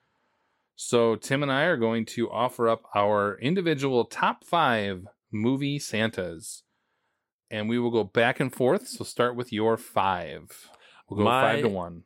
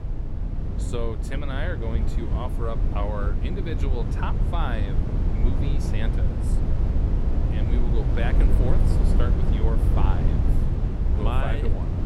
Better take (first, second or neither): first